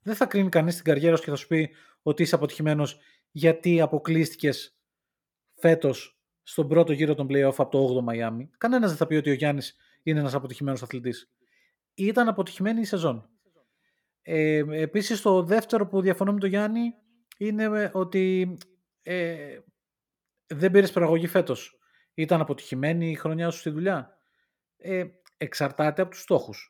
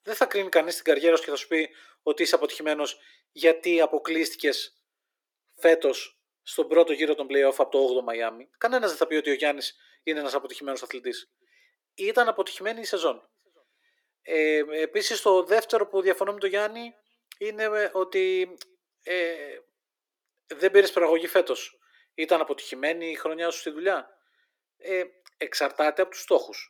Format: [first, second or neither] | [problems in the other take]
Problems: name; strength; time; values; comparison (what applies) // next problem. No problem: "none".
first | thin; very; fading below 350 Hz